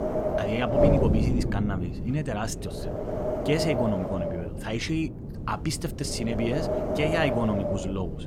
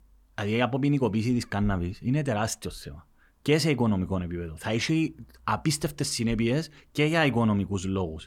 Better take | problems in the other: second | wind noise on the microphone; heavy; 3 dB above the speech

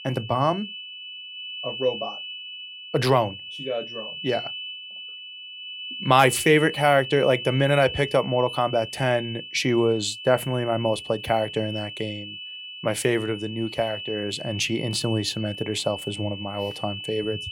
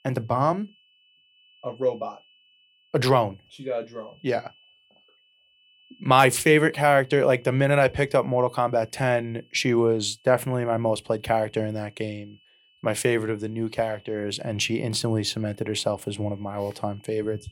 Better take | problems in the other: second | high-pitched whine; loud; throughout; 3 kHz, 10 dB below the speech; faint in the second

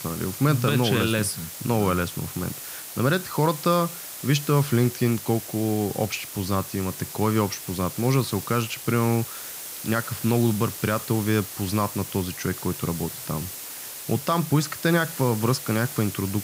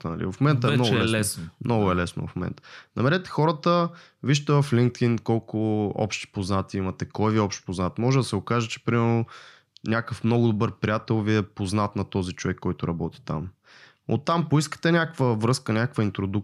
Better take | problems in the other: second | hiss; loud; throughout; 9 dB below the speech

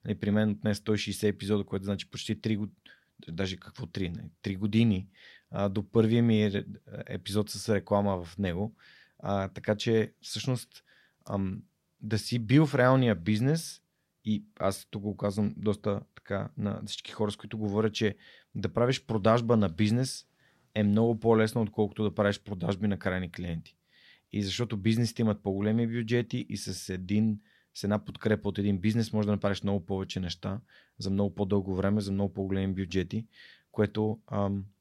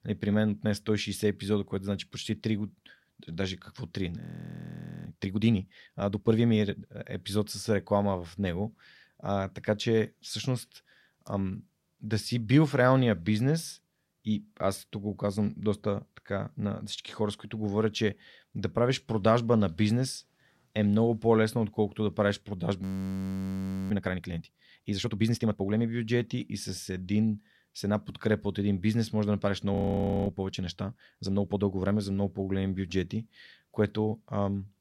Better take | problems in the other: first | audio freezing; at 4 s for 1 s, at 23 s for 1 s and at 30 s for 0.5 s

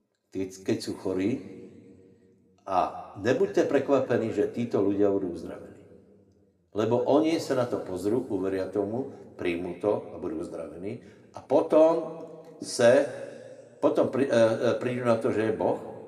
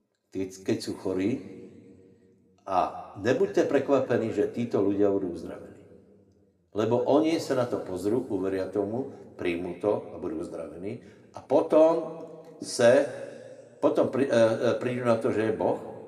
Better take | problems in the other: neither | room echo; slight; dies away in 1.7 s; the same in both

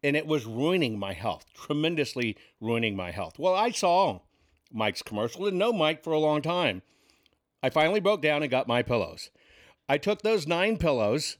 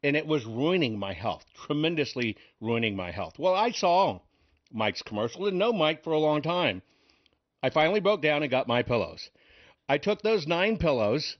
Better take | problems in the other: first | garbled, watery; slightly; nothing above 6 kHz

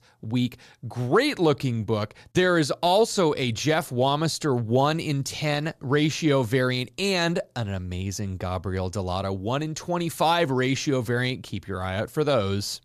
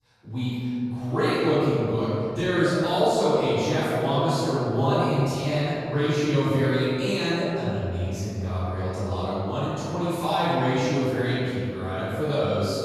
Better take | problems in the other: first | room echo; strong; dies away in 2.5 s // off-mic speech; far

